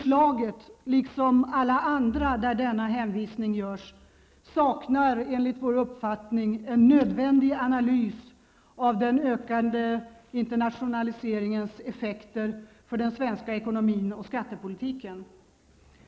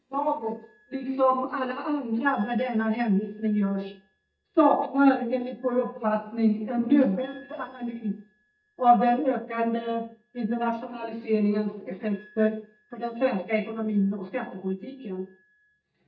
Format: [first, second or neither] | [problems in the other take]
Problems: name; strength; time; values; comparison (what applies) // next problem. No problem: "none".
first | noise reduction (neural mask model DeepFilterNet 3)